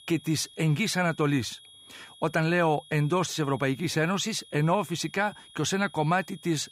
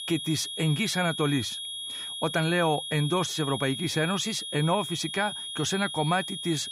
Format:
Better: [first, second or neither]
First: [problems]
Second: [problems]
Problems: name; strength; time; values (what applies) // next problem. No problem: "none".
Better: first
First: high-pitched whine; faint; throughout; 3.5 kHz, 20 dB below the speech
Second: high-pitched whine; loud; throughout; 3.5 kHz, 6 dB below the speech